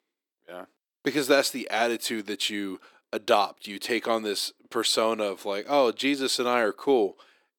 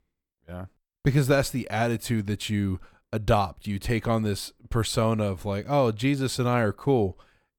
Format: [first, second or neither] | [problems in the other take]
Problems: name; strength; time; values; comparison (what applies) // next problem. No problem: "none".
second | thin; somewhat; fading below 300 Hz